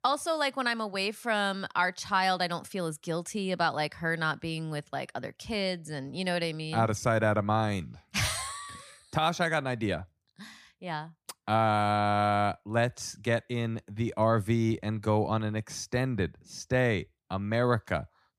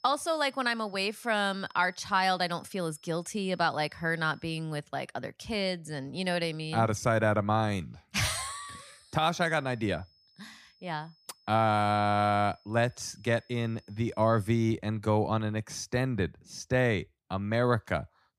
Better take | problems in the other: first | high-pitched whine; faint; until 4.5 s and from 8.5 to 15 s; 5 kHz, 30 dB below the speech

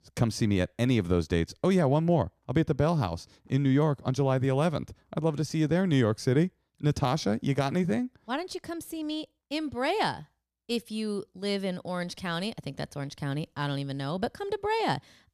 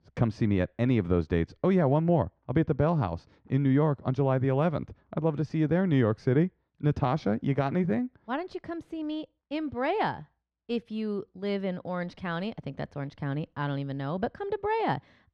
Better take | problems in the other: first | muffled; slightly; fading above 2 kHz

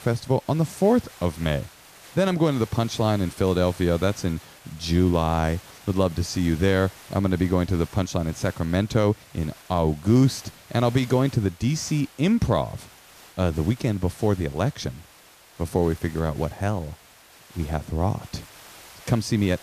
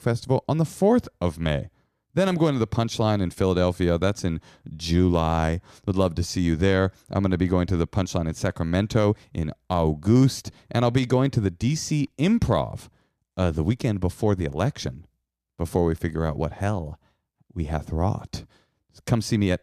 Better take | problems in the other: second | hiss; faint; throughout; 20 dB below the speech

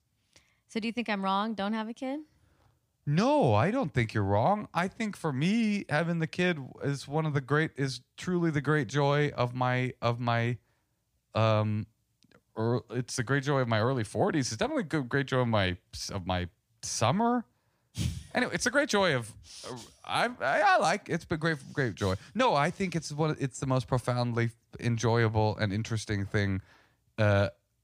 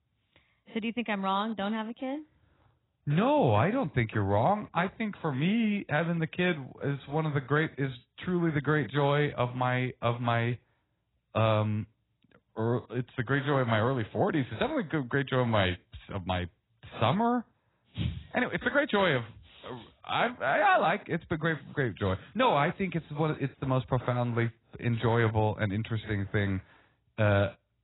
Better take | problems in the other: first | garbled, watery; badly; nothing above 4 kHz

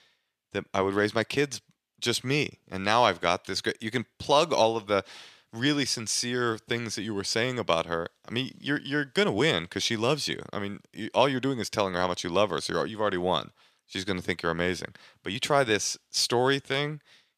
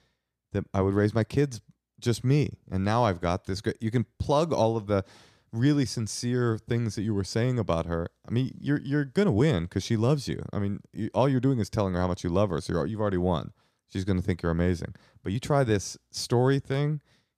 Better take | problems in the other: second | thin; somewhat; fading below 700 Hz

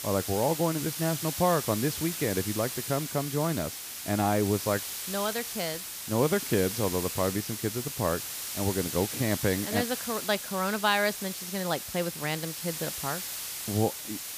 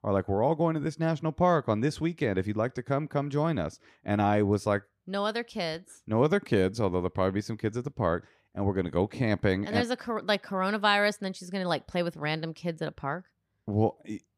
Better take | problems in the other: second | hiss; loud; throughout; 4 dB below the speech

